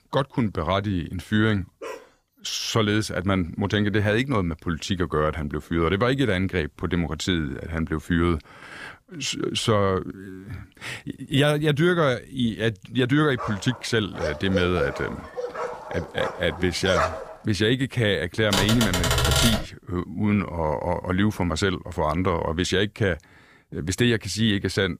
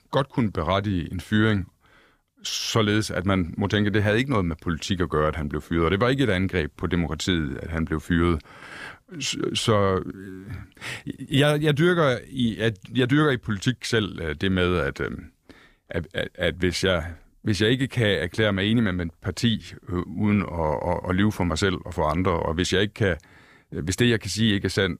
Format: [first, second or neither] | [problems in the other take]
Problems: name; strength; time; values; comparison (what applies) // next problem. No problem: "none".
second | dog barking; faint; at 2 s; peak 15 dB below the speech // dog barking; noticeable; from 13 to 17 s; peak 1 dB below the speech // keyboard typing; loud; from 19 to 20 s; peak 4 dB above the speech